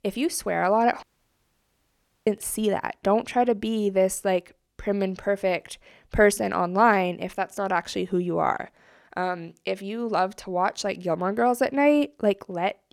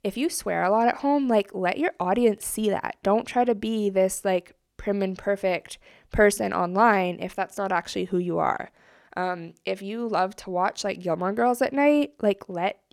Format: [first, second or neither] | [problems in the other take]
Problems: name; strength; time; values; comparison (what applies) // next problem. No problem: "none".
second | audio cutting out; at 1 s for 1 s